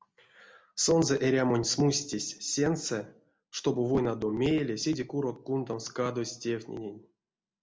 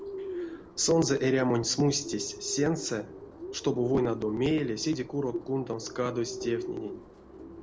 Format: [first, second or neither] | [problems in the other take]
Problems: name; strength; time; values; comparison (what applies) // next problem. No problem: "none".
first | background sound (Bird); 10 dB below the speech